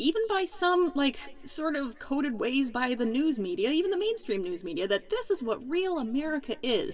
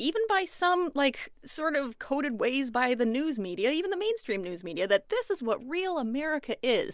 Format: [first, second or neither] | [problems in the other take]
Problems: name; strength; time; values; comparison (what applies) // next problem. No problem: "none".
second | room echo; dies away in 2.5 s